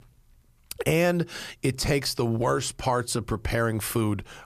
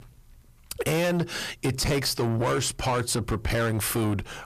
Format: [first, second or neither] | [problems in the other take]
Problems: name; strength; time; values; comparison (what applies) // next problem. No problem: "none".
first | distortion; heavy; 8 dB below the speech